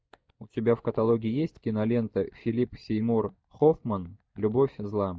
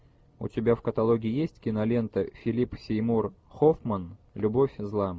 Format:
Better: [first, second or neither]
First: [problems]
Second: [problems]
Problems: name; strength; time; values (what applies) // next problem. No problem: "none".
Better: second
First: noise reduction (neural mask model DeepFilterNet 3)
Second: none